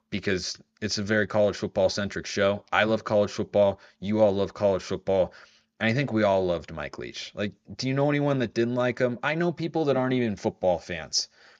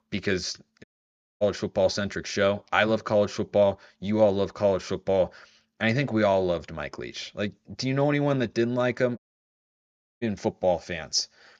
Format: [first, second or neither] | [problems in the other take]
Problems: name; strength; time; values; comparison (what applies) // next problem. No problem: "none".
first | audio cutting out; at 1 s for 0.5 s and at 9 s for 1 s